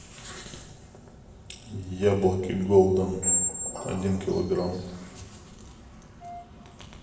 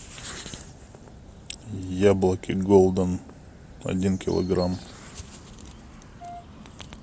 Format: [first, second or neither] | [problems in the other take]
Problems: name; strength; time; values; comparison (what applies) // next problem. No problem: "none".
second | background sound (Squeak); 1 dB below the speech // room echo; dies away in 1 s